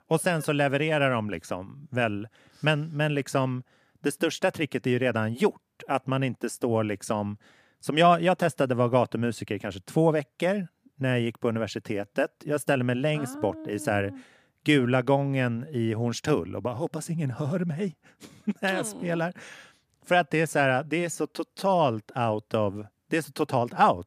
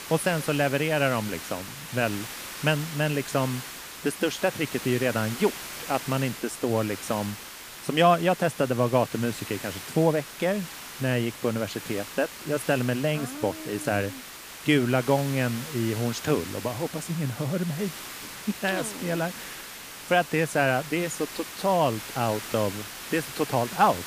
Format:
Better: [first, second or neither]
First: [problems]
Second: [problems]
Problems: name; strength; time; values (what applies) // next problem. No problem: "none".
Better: first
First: none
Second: hiss; noticeable; throughout; 10 dB below the speech